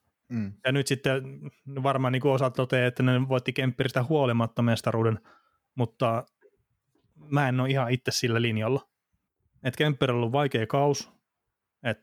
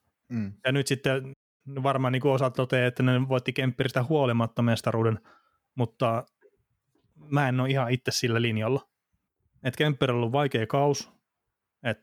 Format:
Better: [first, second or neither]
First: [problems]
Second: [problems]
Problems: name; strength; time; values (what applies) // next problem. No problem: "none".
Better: first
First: none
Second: audio cutting out; at 1.5 s